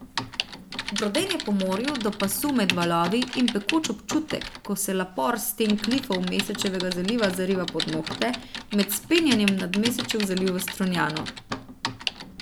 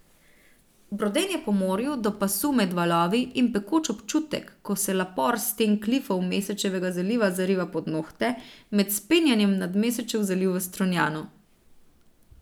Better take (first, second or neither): second